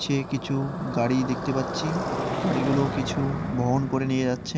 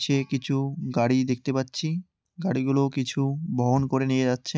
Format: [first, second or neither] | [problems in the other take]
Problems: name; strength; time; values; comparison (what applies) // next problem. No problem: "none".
second | background sound (Motorcycle); 4 dB below the speech